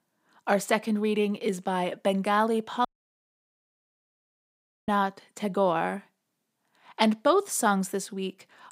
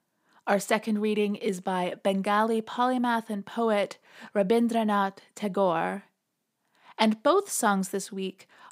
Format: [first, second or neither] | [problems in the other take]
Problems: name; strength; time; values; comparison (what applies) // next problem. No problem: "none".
second | audio cutting out; at 3 s for 2 s